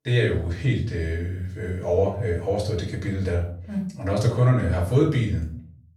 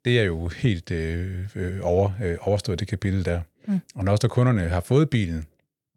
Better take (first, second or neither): second